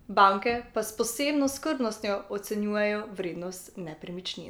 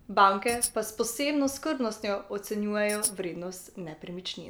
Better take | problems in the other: first | background sound (Tambourine); 3 dB below the speech

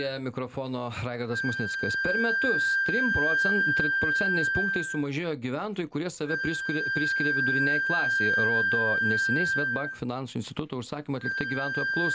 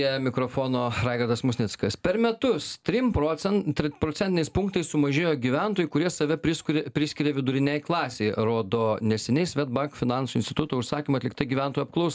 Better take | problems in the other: second | background sound (Wind instrument, woodwind instrument); 3 dB above the speech

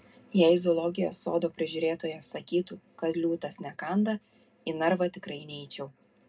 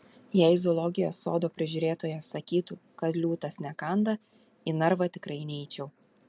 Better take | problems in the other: second | room echo; dies away in 0.2 s

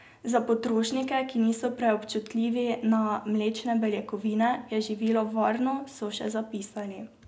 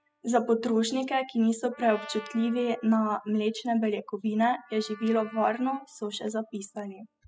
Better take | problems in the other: first | noise reduction (classical method spectral subtraction)

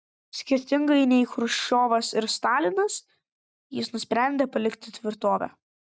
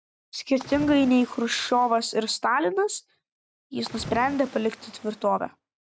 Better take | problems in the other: first | background sound (Splash, splatter); 17 dB below the speech

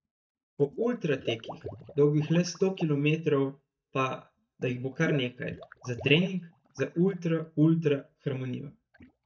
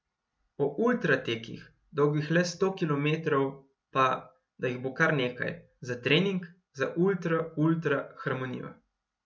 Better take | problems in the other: second | noise reduction (neural mask model DeepFilterNet 3)

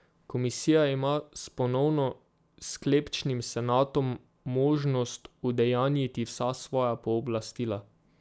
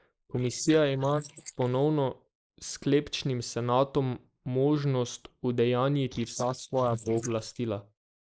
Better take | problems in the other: first | noise reduction (neural mask model Resemble Enhance denoiser)

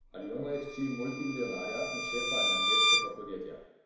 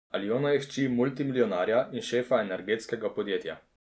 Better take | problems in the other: second | background sound (Bowed string instrument); 5 dB above the speech // room echo; dies away in 1 s

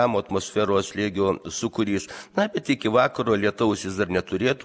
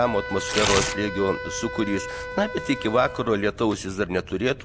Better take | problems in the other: first | background sound (Tearing + Wind instrument, woodwind instrument); 6 dB below the speech

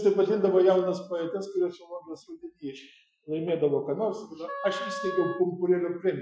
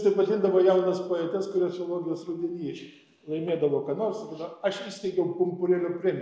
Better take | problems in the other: second | noise reduction (classical method Wiener filter)

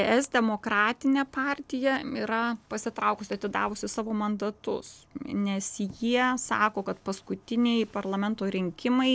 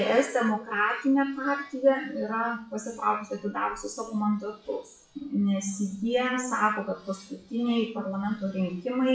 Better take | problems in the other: first | noise reduction (classical method WPE with log-MMSE)

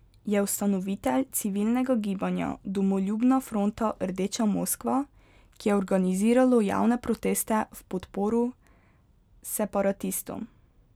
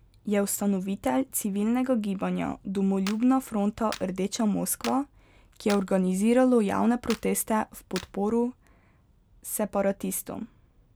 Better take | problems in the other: first | background sound (Clapping); 18 dB below the speech

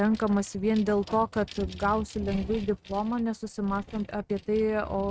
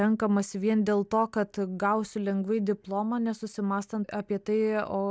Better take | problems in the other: second | noise reduction (neural mask model RNNoise)

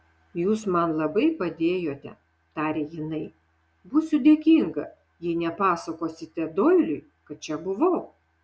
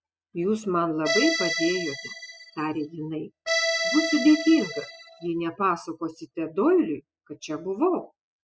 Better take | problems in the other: first | noise reduction (classical method spectral subtraction)

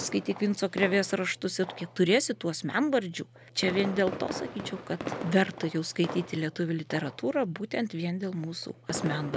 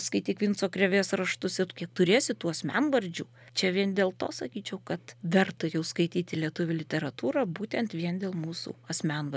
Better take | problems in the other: second | background sound (Fireworks); 11 dB below the speech

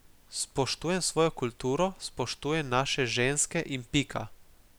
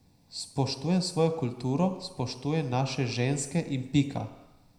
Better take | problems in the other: first | room echo; dies away in 0.7 s

